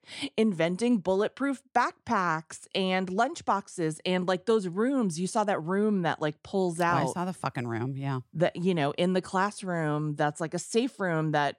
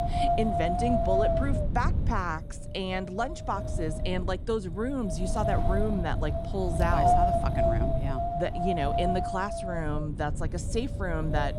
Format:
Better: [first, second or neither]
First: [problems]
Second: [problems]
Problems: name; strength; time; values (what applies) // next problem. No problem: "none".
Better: first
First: none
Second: wind noise on the microphone; heavy; 4 dB above the speech